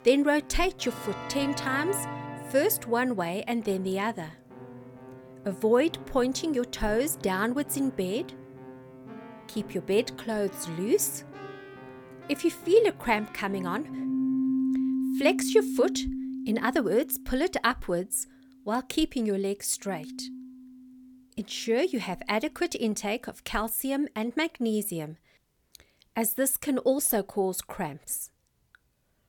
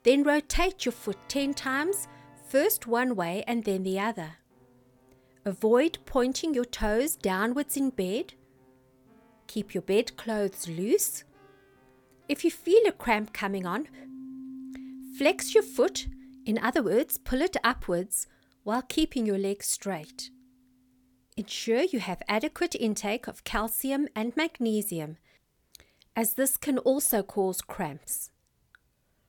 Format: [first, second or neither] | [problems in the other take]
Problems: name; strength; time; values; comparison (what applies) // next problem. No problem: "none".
second | background music; loud; until 22 s; 8 dB below the speech; faint in the second